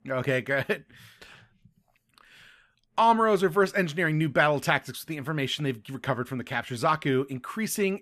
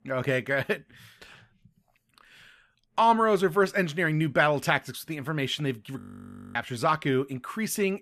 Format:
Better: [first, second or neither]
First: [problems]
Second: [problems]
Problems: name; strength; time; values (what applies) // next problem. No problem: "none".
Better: first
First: none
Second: audio freezing; at 6 s for 0.5 s